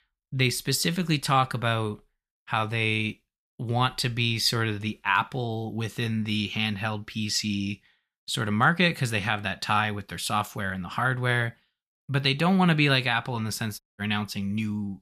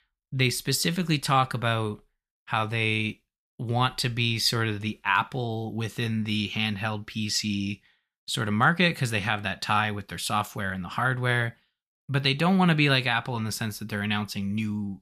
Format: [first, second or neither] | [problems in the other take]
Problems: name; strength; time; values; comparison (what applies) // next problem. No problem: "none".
second | audio cutting out; at 14 s